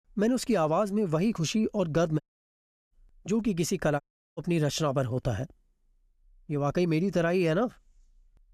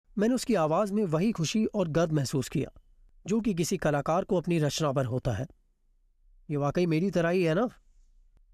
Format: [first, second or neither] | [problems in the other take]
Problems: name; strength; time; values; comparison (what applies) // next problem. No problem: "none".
second | audio cutting out; at 2 s for 0.5 s and at 4 s